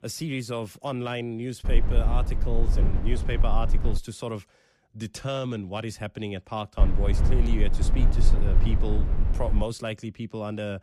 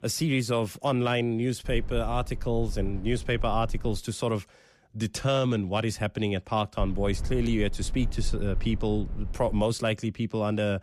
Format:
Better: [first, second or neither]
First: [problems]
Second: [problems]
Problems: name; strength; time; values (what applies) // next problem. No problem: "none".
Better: second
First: low rumble; loud; from 1.5 to 4 s and from 7 to 9.5 s; 7 dB below the speech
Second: low rumble; faint; from 1.5 to 4 s and from 7 to 9.5 s; 20 dB below the speech